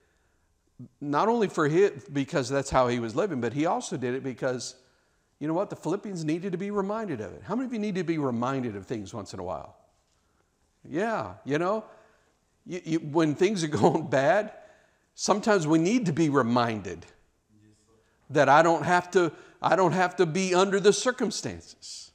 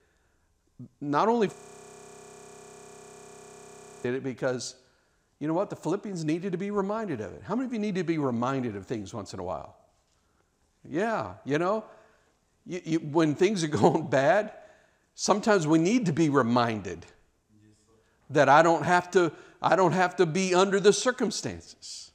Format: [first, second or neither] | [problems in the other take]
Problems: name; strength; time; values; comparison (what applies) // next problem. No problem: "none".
first | audio freezing; at 1.5 s for 2.5 s